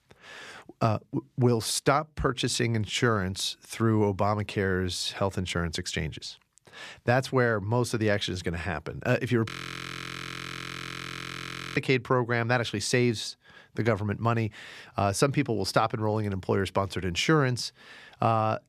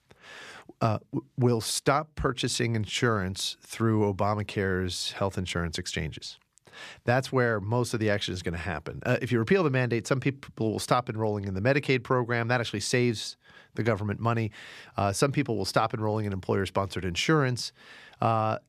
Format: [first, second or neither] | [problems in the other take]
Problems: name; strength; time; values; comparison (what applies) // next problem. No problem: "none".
second | audio freezing; at 9.5 s for 2.5 s